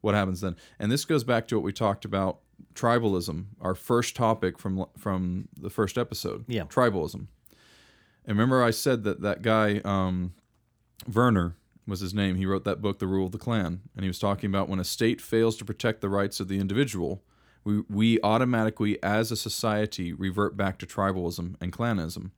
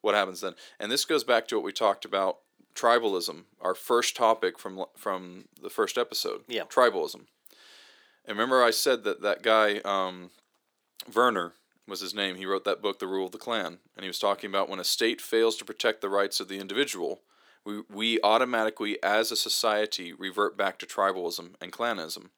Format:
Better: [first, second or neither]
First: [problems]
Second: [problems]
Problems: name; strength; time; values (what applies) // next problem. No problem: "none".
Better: first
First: none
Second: thin; very; fading below 400 Hz